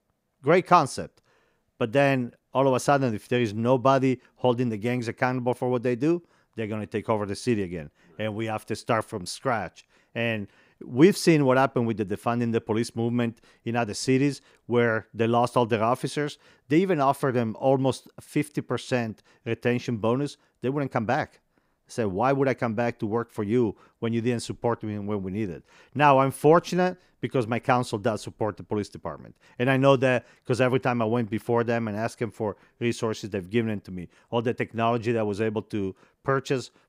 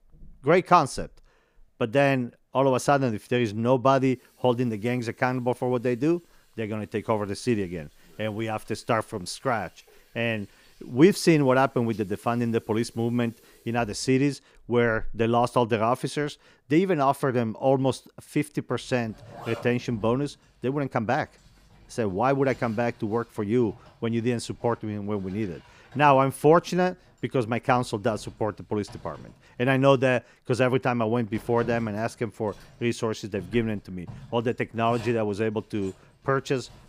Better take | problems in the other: first | household noises; faint; throughout; 25 dB below the speech

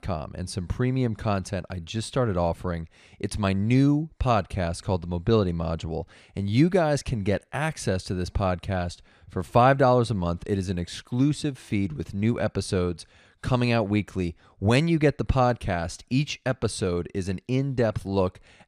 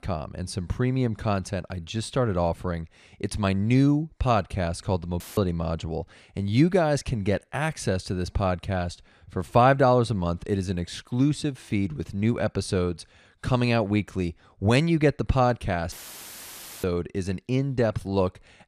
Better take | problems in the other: first | audio cutting out; filled with static; at 5 s and at 16 s for 1 s

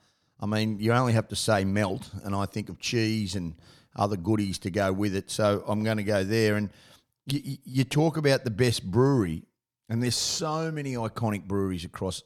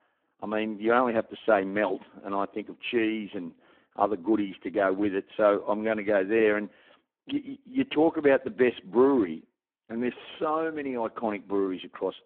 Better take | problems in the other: first | phone-call audio; poor line

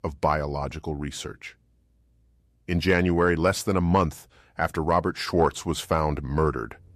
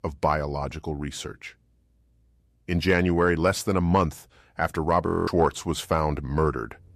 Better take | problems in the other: first | audio freezing; at 5 s

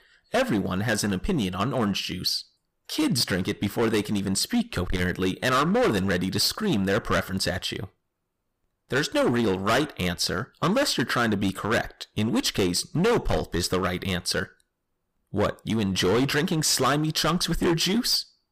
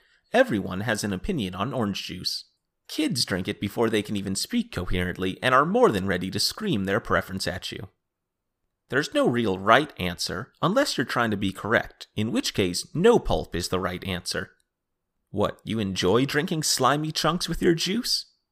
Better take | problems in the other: second | distortion; heavy; 12% of the sound clipped

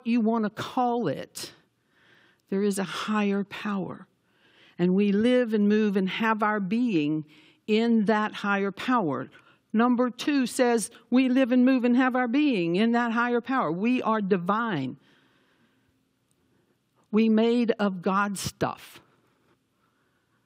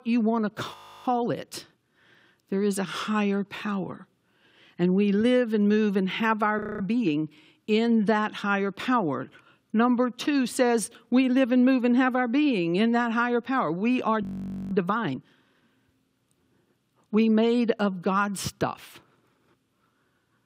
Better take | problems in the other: first | audio freezing; at 0.5 s, at 6.5 s and at 14 s

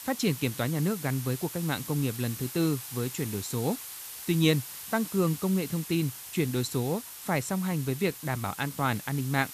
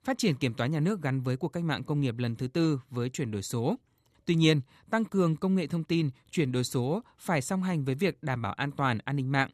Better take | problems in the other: second | hiss; loud; throughout; 9 dB below the speech

